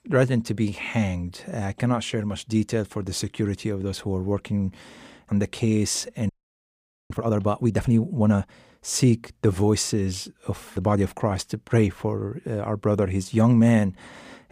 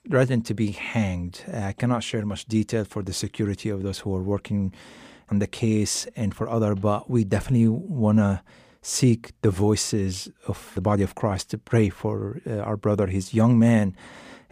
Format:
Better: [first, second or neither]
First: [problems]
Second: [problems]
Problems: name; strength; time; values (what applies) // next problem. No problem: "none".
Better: second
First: audio freezing; at 6.5 s for 1 s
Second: none